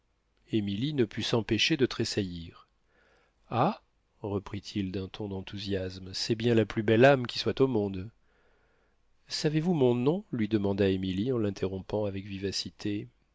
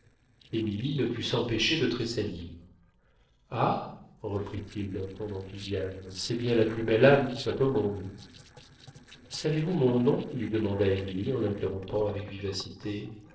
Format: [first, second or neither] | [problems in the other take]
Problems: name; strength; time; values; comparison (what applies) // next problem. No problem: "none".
first | noise reduction (neural separator model SepFormer DNS4)